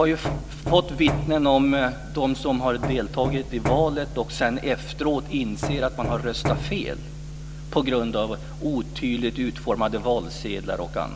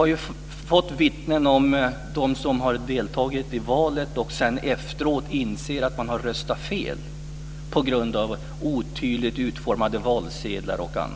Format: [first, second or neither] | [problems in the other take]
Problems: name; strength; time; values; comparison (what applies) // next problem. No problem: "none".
second | background sound (Knock); 6 dB below the speech